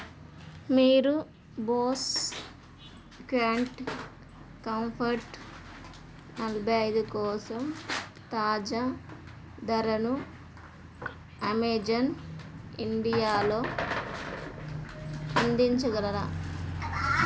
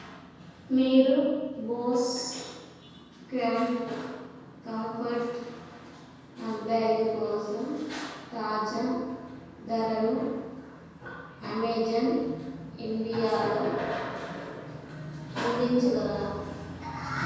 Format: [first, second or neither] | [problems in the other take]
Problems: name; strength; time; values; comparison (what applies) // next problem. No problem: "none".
first | room echo; dies away in 1.2 s